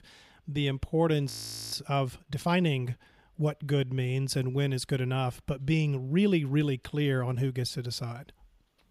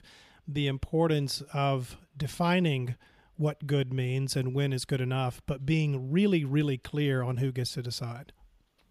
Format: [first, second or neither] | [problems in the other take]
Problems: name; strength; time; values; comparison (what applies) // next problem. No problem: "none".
second | audio freezing; at 1.5 s